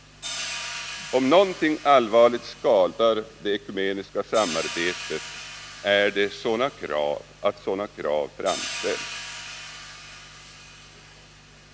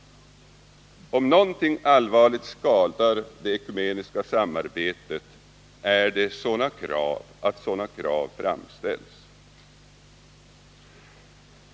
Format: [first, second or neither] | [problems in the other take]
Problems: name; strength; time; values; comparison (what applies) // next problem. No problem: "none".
second | background sound (Hi-hat); 13 dB below the speech